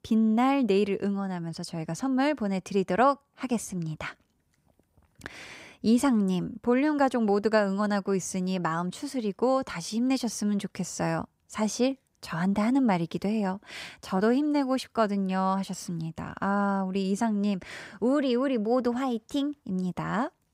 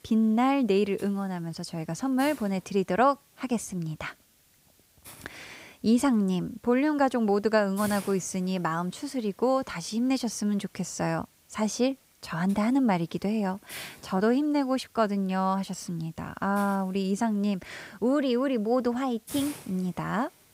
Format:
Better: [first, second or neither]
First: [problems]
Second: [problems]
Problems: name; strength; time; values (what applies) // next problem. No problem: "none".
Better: first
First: none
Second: hiss; faint; throughout; 20 dB below the speech